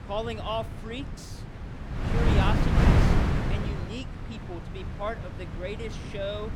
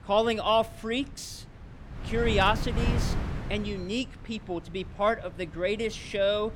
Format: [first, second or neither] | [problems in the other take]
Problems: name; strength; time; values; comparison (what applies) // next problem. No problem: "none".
second | wind noise on the microphone; heavy; 1 dB above the speech; occasional gusts in the second